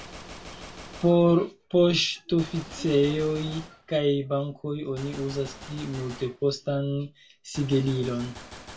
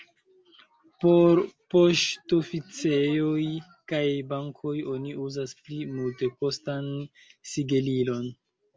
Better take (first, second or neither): second